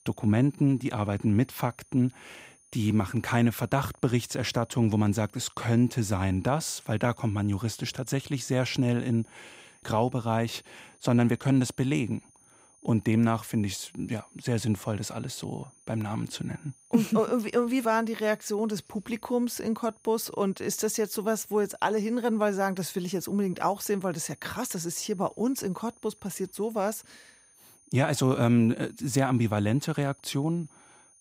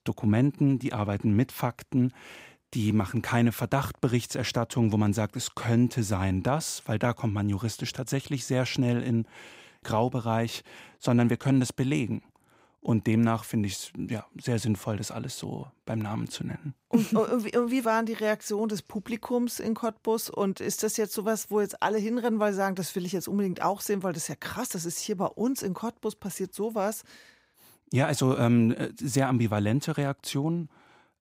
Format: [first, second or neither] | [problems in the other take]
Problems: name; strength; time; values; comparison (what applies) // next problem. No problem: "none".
second | high-pitched whine; faint; throughout; 9.5 kHz, 30 dB below the speech